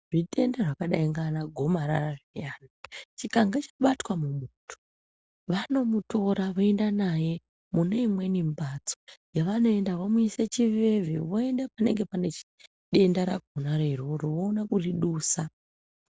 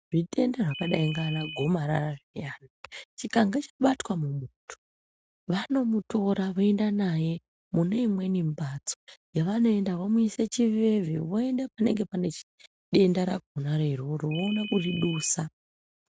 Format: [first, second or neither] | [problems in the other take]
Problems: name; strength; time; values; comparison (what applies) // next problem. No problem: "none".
first | noise reduction (neural mask model RNNoise)